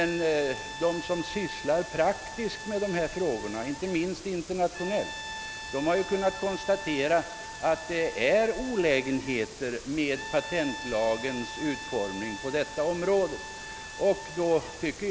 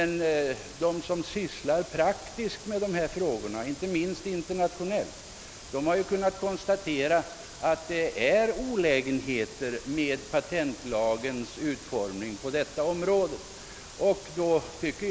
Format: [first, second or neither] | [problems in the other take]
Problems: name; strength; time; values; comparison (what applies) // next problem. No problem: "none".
second | background sound (Brass instrument); 12 dB below the speech